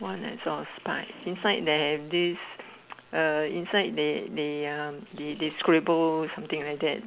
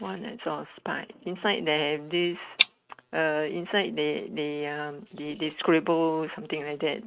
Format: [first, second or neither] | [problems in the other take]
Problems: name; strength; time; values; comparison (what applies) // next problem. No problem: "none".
first | noise reduction (neural mask model RNNoise)